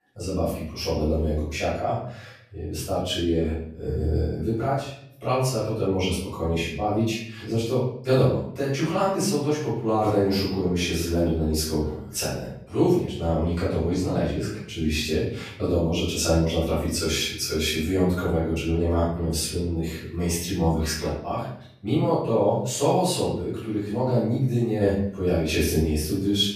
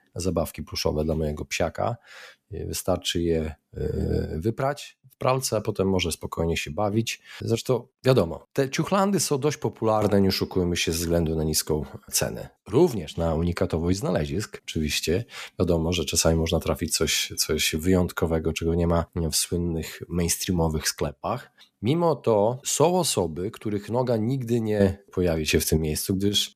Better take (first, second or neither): second